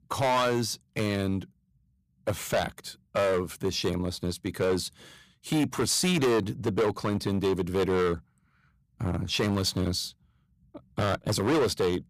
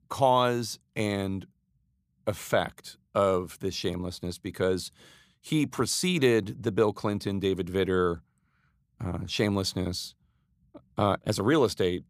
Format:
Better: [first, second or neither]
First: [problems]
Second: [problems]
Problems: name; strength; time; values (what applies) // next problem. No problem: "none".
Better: second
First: distortion; heavy; 9% of the sound clipped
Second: none